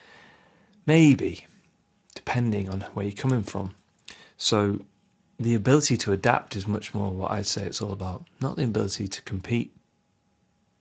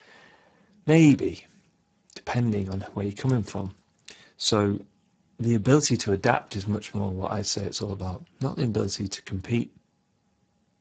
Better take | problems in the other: first | garbled, watery; badly; nothing above 7.5 kHz; slightly in the first

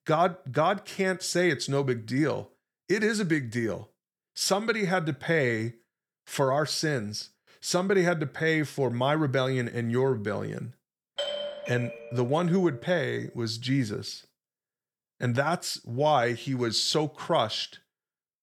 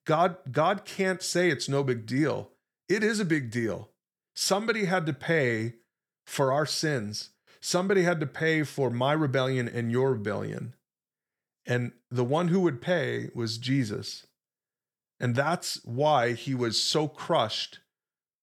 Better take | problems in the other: second | doorbell; noticeable; from 11 to 13 s; peak 4 dB below the speech

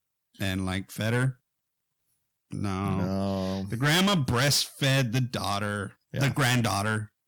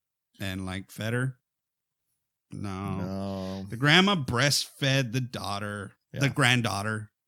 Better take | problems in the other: second | distortion; heavy; 9% of the sound clipped

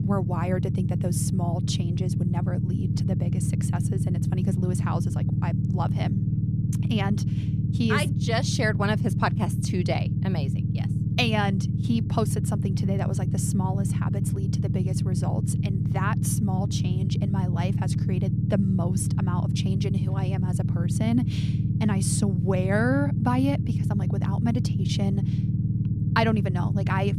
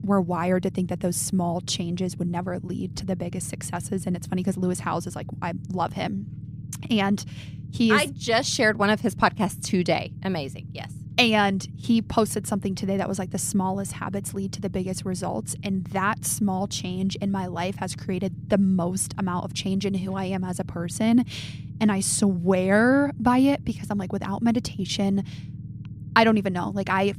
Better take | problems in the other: second | low rumble; loud; throughout; 5 dB below the speech; faint in the second

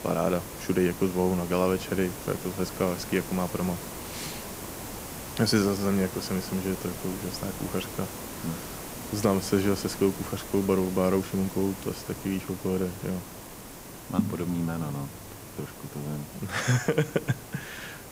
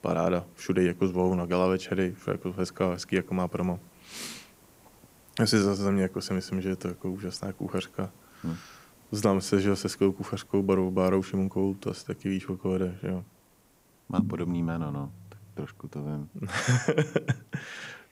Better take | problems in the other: second | hiss; loud; throughout; 10 dB below the speech; faint in the second

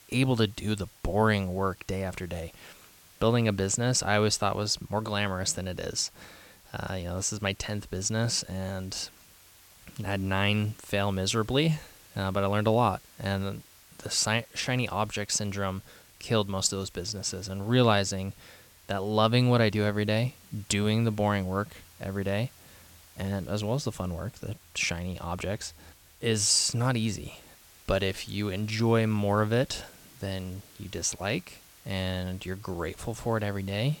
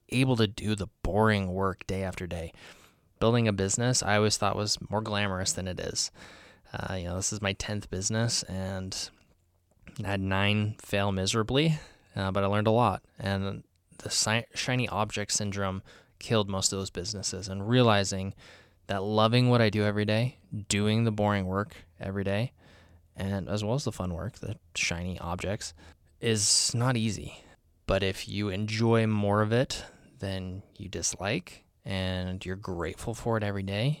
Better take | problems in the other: second | hiss; faint; throughout; 25 dB below the speech

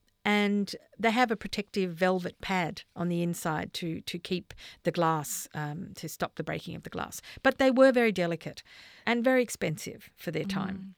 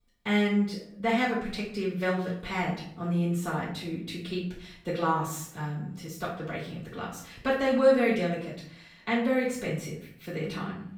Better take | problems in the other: first | off-mic speech; far // room echo; noticeable; dies away in 0.6 s

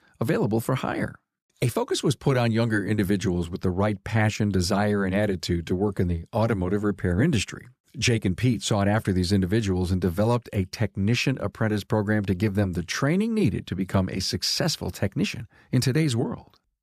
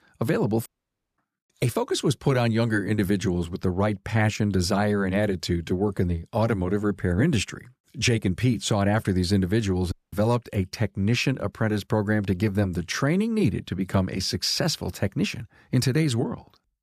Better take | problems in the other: first | audio cutting out; at 0.5 s for 0.5 s and at 10 s

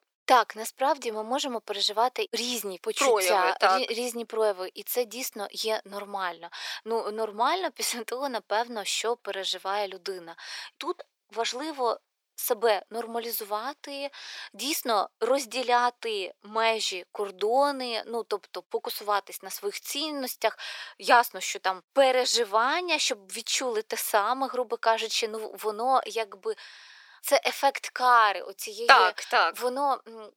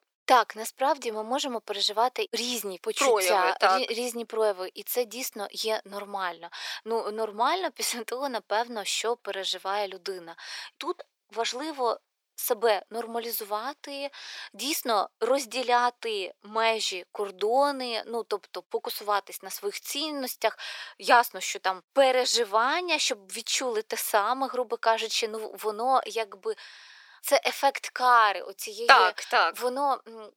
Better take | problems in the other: neither | thin; very; fading below 400 Hz; the same in both

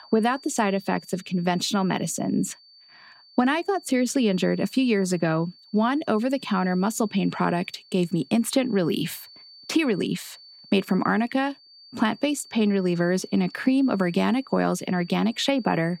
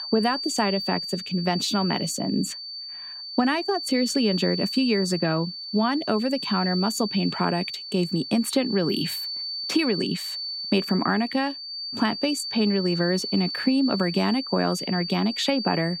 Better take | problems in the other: first | high-pitched whine; loud; throughout; 4.5 kHz, 5 dB below the speech; faint in the first

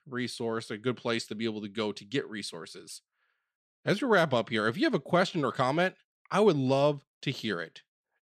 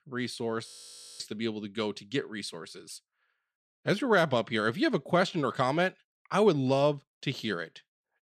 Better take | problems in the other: first | audio freezing; at 0.5 s for 0.5 s

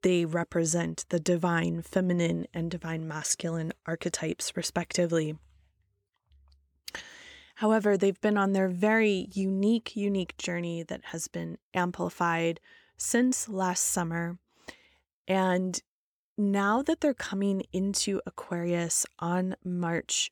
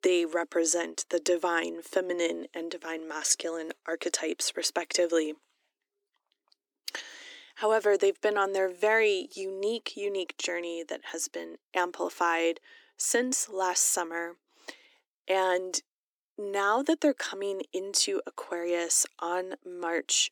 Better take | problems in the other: first | thin; somewhat; fading below 300 Hz

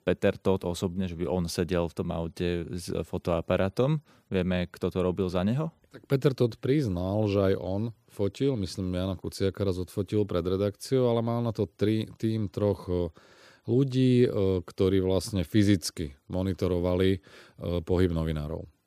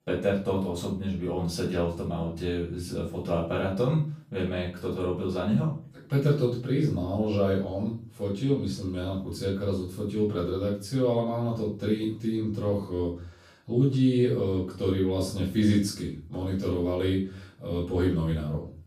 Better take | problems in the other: first | off-mic speech; far // room echo; noticeable; dies away in 0.4 s

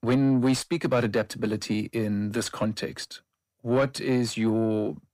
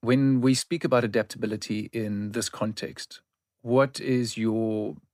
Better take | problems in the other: second | distortion; slight; 10 dB below the speech

